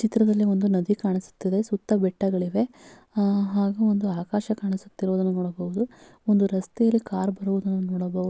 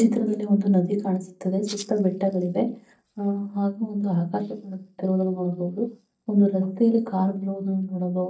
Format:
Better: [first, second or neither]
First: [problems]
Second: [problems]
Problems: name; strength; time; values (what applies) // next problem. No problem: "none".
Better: first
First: none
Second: noise reduction (neural mask model DeepFilterNet 3)